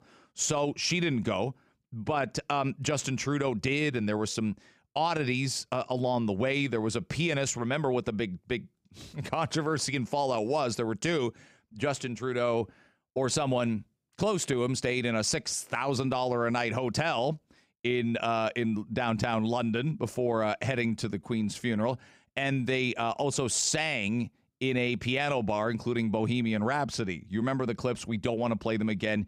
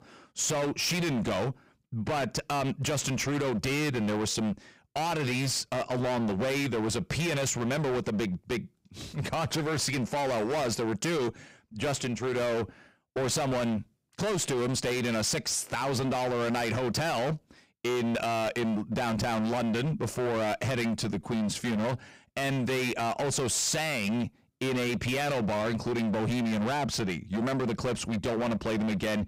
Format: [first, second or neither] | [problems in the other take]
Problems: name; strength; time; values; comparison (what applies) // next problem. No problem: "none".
first | distortion; heavy; 32% of the sound clipped